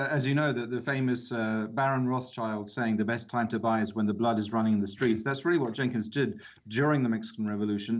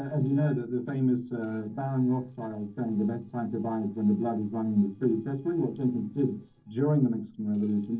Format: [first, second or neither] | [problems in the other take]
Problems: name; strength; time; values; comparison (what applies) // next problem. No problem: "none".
first | noise reduction (neural separator model SepFormer DNS4)